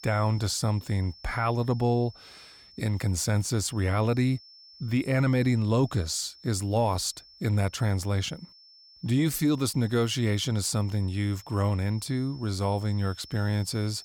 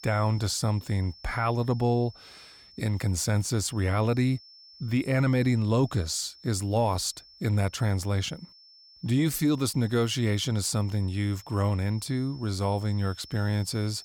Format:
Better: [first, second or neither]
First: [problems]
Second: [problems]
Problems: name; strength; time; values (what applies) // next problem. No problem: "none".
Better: neither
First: high-pitched whine; faint; throughout; 5.5 kHz, 20 dB below the speech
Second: high-pitched whine; faint; throughout; 5.5 kHz, 20 dB below the speech